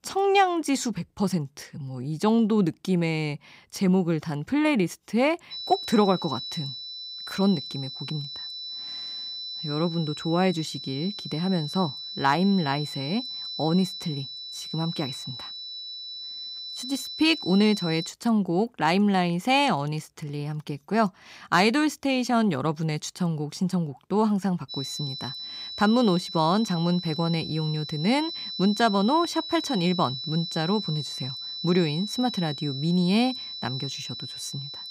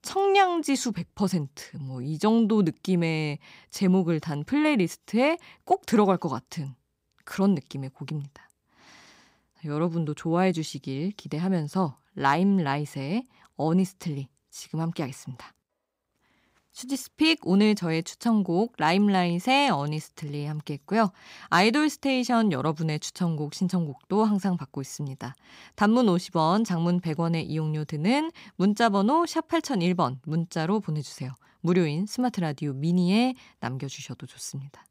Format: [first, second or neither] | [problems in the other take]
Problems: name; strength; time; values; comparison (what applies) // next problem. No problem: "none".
second | high-pitched whine; loud; from 5.5 to 18 s and from 25 s on; 4 kHz, 8 dB below the speech